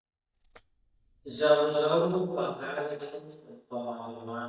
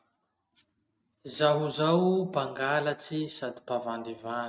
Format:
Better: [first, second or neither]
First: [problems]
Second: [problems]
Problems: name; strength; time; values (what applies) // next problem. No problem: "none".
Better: second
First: noise reduction (neural mask model DeepFilterNet 3)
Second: none